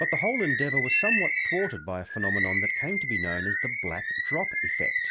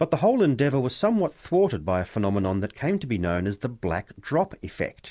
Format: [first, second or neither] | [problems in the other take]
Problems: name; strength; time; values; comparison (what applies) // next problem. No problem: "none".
second | background sound (Bird); 4 dB above the speech